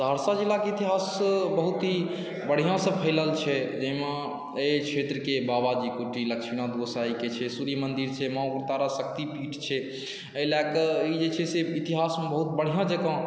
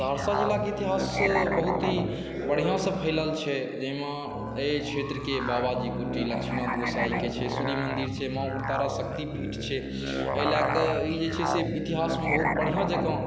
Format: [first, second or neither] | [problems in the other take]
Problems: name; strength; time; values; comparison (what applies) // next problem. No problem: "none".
first | background sound (Musical instrument); 2 dB below the speech